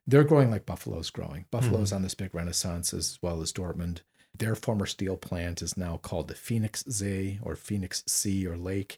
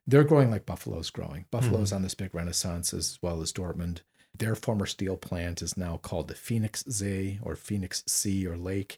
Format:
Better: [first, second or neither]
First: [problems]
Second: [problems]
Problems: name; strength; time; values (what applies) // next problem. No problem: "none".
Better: neither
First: none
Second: none